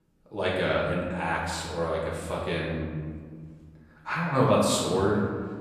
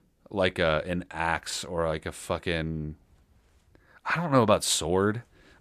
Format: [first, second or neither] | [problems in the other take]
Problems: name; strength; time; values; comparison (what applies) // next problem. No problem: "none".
second | off-mic speech; far // room echo; noticeable; dies away in 1.7 s